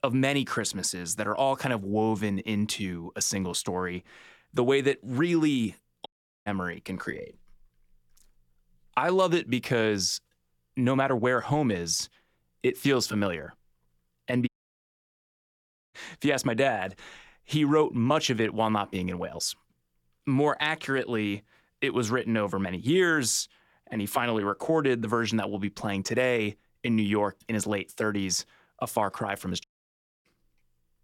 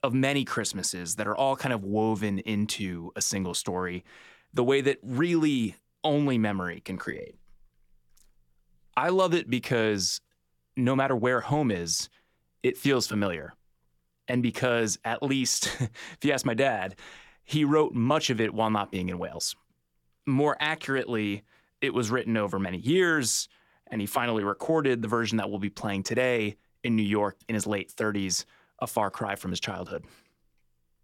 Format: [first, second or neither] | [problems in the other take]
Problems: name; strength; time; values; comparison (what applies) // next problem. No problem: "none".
second | audio cutting out; at 6 s, at 14 s for 1.5 s and at 30 s for 0.5 s